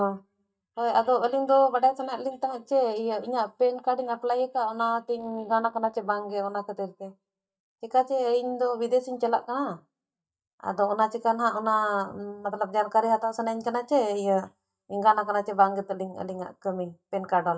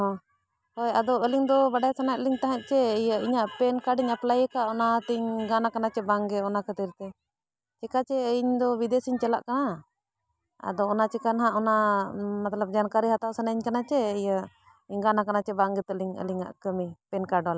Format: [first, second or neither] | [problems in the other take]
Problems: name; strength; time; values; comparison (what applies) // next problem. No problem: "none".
second | noise reduction (neural mask model DeepFilterNet 3)